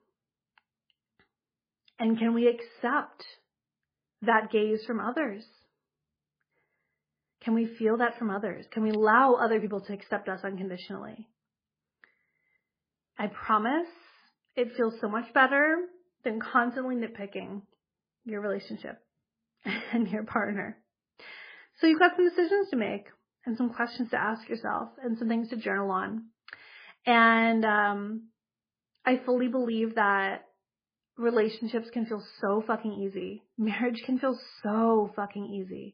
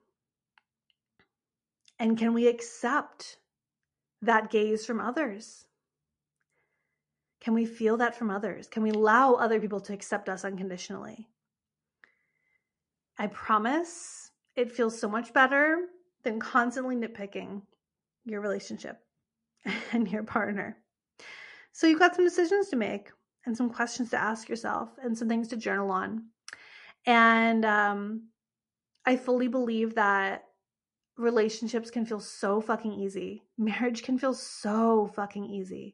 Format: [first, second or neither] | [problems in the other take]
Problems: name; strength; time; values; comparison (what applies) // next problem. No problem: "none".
second | garbled, watery; badly; slightly in the second